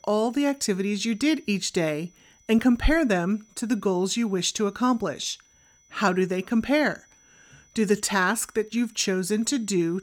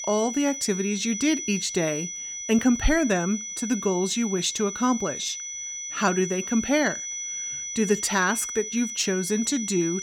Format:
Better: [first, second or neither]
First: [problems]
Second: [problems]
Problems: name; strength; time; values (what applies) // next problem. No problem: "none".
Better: first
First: high-pitched whine; faint; throughout; 6 kHz, 35 dB below the speech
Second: high-pitched whine; loud; throughout; 6 kHz, 6 dB below the speech